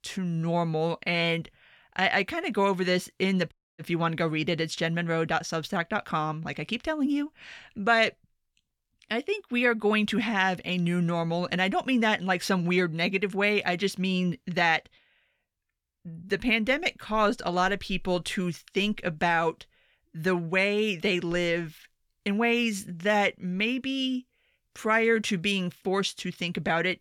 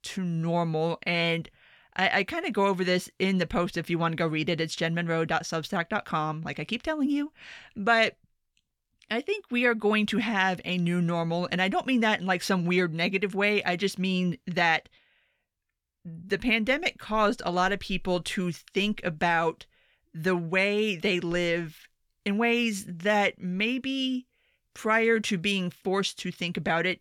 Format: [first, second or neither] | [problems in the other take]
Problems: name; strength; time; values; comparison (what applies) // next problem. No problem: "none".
second | audio cutting out; at 3.5 s